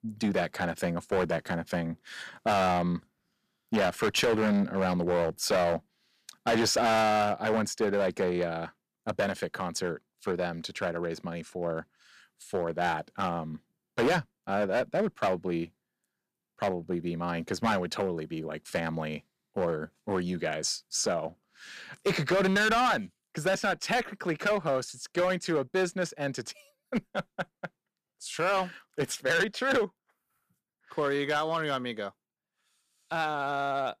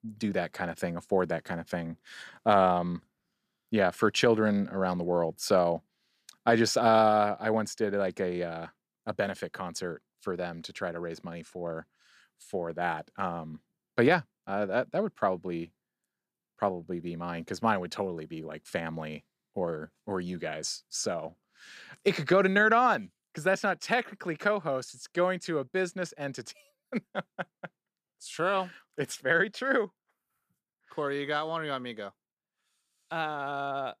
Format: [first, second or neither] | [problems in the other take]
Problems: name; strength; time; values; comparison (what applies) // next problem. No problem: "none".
second | distortion; heavy; 7% of the sound clipped